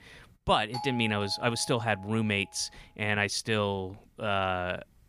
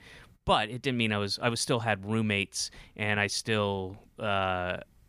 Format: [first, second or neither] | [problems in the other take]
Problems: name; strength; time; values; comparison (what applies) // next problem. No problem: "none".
second | doorbell; noticeable; from 0.5 to 2.5 s; peak 9 dB below the speech